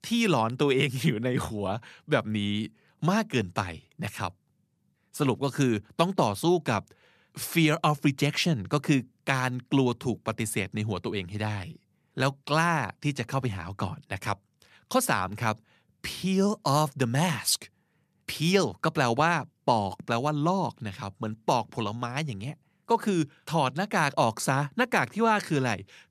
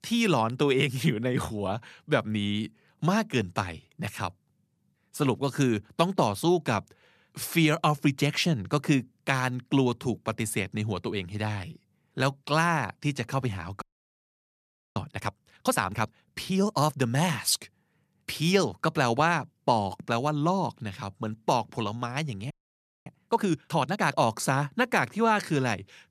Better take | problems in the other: first | audio freezing; at 14 s for 1 s and at 23 s for 0.5 s

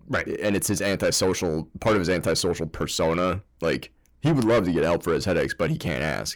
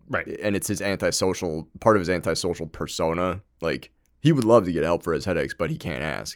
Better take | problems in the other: second | distortion; heavy; 8 dB below the speech

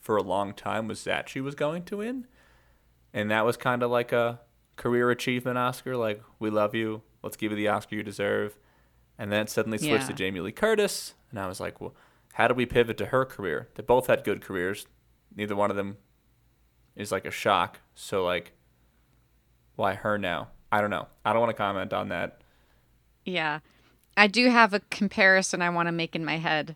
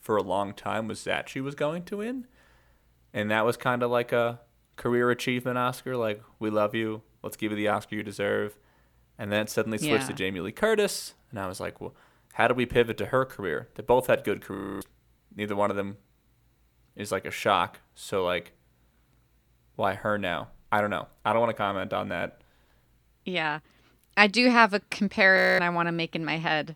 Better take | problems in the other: first | audio freezing; at 15 s and at 25 s

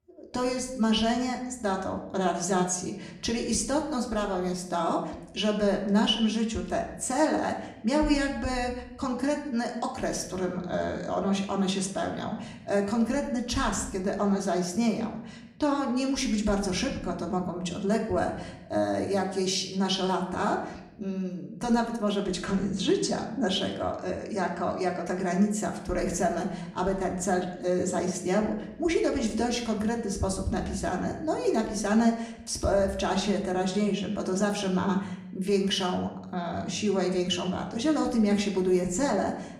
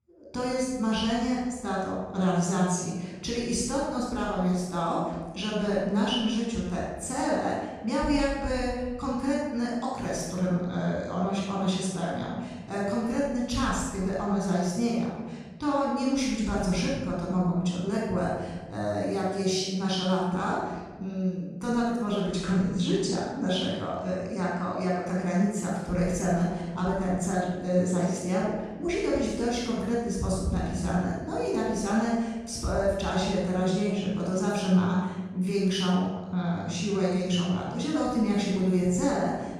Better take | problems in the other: first | room echo; strong; dies away in 1.5 s; slight in the first // off-mic speech; far; somewhat distant in the first

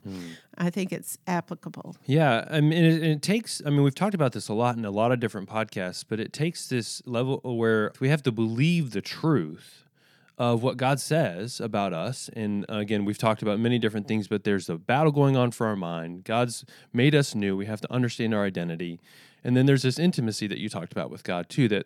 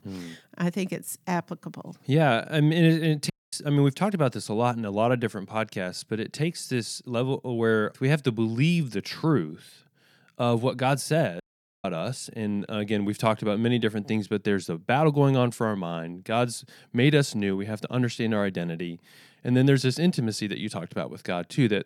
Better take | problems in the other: first | audio cutting out; at 3.5 s and at 11 s

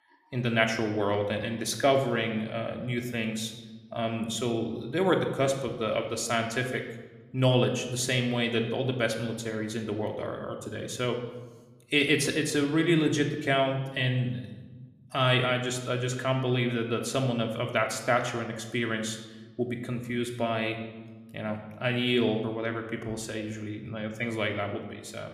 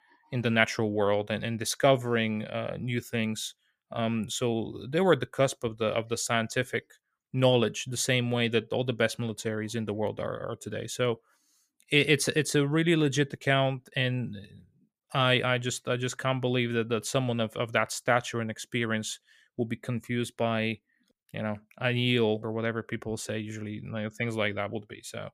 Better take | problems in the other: second | room echo; slight; dies away in 1 s

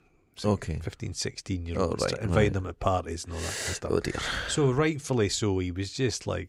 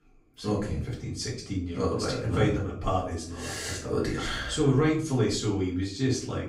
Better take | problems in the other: first | off-mic speech; far // room echo; slight; dies away in 0.4 s

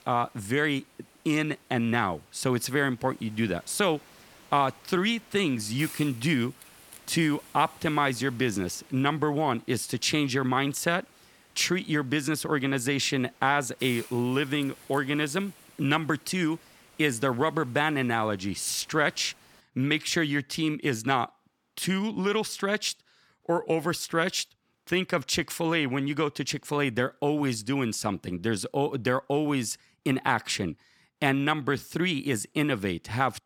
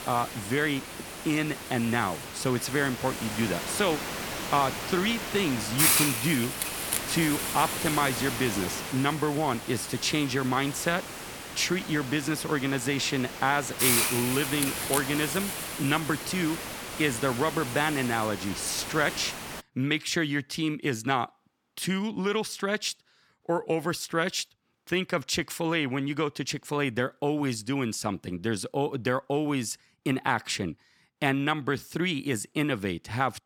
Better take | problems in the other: first | hiss; loud; until 20 s; 3 dB below the speech; faint in the first

